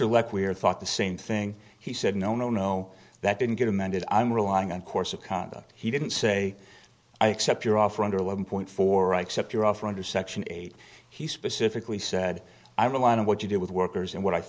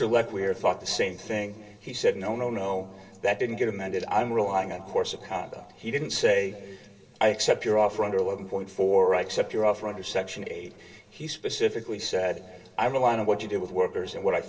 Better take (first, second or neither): first